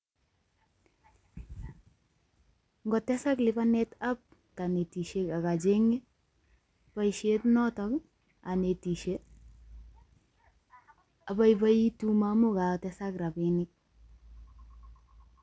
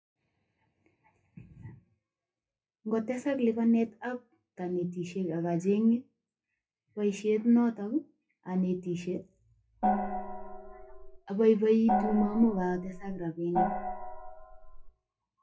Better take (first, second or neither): first